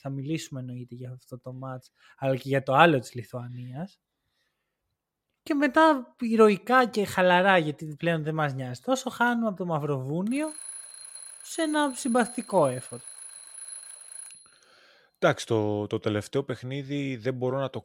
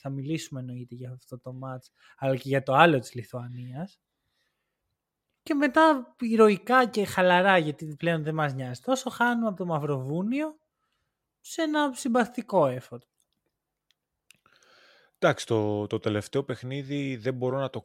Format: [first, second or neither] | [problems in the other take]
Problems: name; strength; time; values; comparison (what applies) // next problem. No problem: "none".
second | alarm; faint; from 10 to 14 s; peak 10 dB below the speech